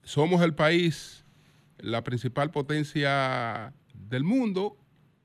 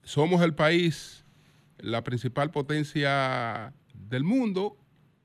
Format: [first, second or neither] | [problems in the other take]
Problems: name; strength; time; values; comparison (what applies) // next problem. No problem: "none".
neither | none